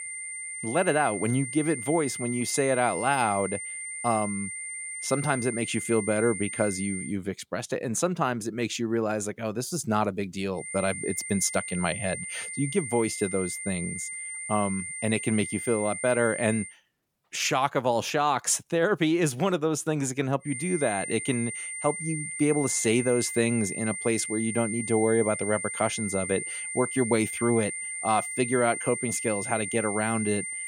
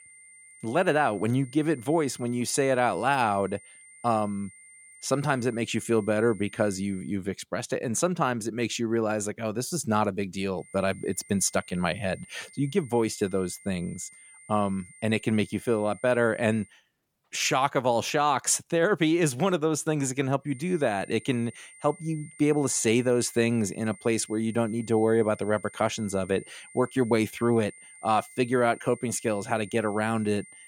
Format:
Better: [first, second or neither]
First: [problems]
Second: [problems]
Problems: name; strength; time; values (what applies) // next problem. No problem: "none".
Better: second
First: high-pitched whine; loud; until 7 s, from 11 to 17 s and from 20 s on; 2 kHz, 6 dB below the speech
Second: high-pitched whine; faint; until 7 s, from 11 to 17 s and from 20 s on; 2 kHz, 20 dB below the speech